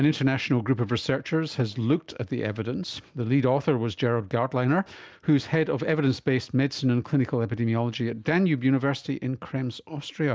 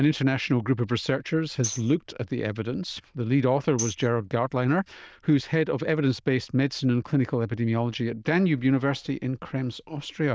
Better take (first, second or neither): first